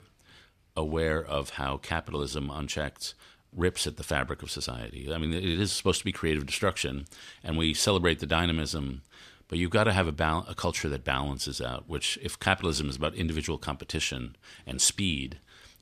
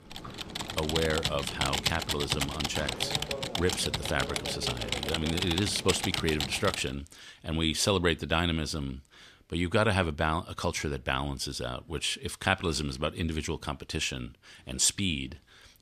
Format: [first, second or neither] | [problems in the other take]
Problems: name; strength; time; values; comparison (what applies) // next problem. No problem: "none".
first | keyboard typing; loud; until 7 s; peak 2 dB above the speech